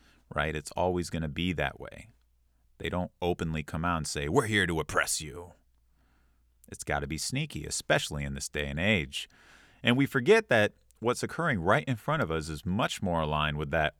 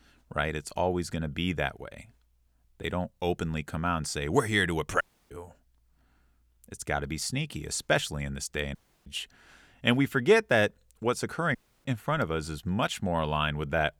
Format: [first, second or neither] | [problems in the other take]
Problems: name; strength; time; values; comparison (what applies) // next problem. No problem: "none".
first | audio cutting out; at 5 s, at 9 s and at 12 s